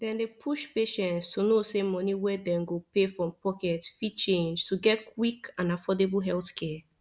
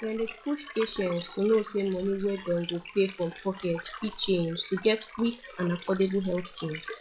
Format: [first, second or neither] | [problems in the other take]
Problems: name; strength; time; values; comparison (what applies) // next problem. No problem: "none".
first | noise reduction (classical method log-MMSE)